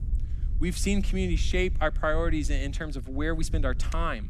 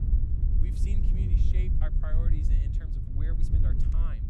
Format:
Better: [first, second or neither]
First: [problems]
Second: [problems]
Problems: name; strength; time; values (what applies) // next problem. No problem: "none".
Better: first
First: wind noise on the microphone; occasional gusts; 20 dB below the speech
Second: wind noise on the microphone; heavy; 3 dB above the speech